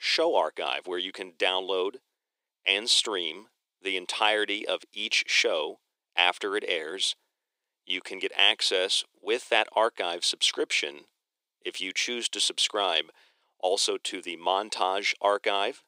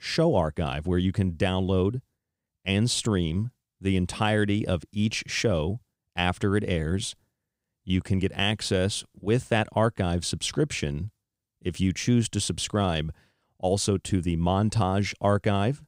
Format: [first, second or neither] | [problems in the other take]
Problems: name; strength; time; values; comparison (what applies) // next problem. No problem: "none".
second | thin; very; fading below 350 Hz